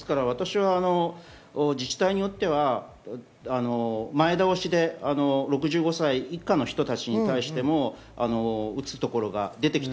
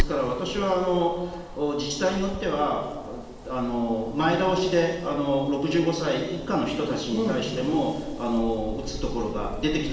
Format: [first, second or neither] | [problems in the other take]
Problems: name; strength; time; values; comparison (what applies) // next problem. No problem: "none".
first | background sound (Wind); 10 dB below the speech // room echo; dies away in 1.3 s